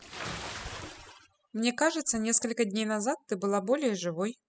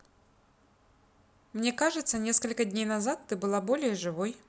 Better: second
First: noise reduction (classical method spectral subtraction)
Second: none

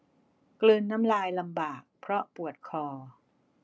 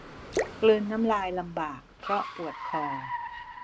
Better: first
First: none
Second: background sound (Car + Drip / Splash, splatter); 7 dB below the speech

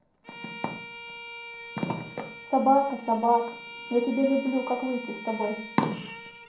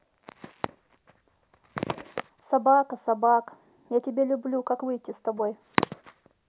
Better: second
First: background sound (Bowed string instrument); 14 dB below the speech // room echo; dies away in 0.6 s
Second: none

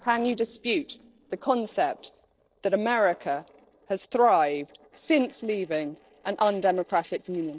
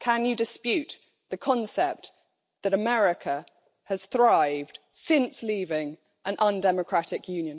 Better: second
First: noise reduction (neural separator model SepFormer DNS4)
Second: none

